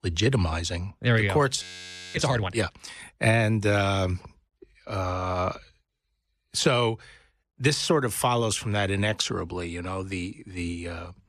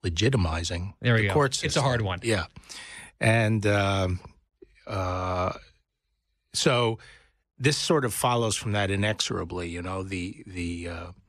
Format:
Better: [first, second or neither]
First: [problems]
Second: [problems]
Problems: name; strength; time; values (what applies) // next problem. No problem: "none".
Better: second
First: audio freezing; at 1.5 s for 0.5 s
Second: none